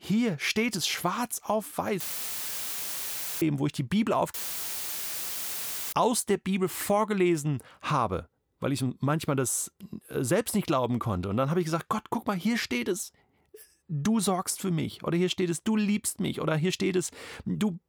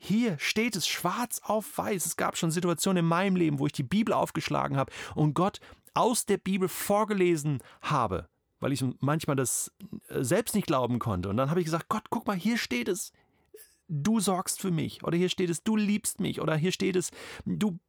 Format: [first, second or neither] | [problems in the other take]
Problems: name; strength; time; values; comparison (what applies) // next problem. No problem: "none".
second | audio cutting out; filled with static; at 2 s for 1.5 s and at 4.5 s for 1.5 s